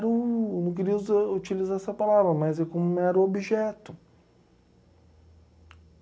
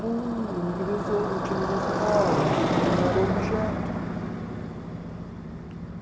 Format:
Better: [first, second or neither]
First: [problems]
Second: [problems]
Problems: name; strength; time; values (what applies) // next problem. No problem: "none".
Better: first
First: none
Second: background sound (Motorcycle); 3 dB above the speech